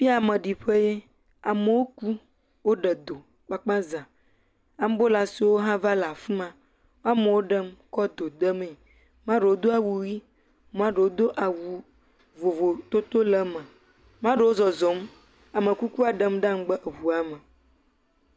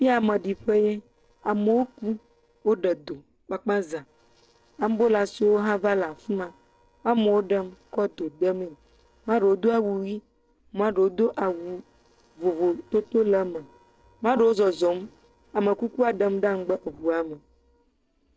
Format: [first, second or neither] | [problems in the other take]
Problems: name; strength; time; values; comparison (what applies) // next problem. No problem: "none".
first | noise reduction (neural separator model SepFormer DNS4)